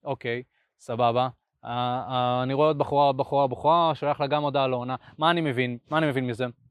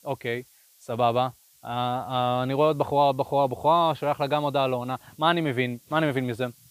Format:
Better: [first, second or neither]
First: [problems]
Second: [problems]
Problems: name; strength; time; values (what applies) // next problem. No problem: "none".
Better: first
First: none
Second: hiss; faint; throughout; 30 dB below the speech